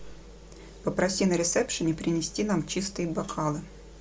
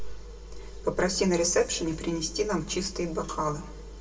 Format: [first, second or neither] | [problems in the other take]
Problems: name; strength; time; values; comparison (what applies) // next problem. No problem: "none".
first | room echo; dies away in 1.3 s